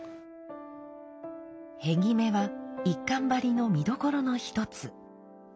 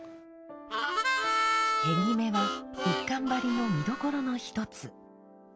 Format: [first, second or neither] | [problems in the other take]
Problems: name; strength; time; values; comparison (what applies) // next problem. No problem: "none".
first | background sound (Harmonica); 1 dB above the speech